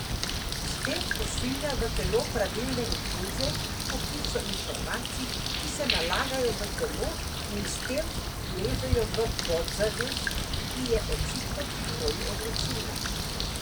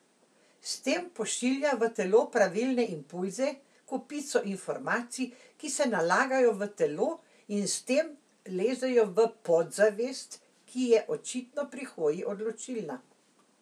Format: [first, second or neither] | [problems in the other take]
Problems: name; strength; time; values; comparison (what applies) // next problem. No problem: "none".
second | background sound (Bird); 3 dB above the speech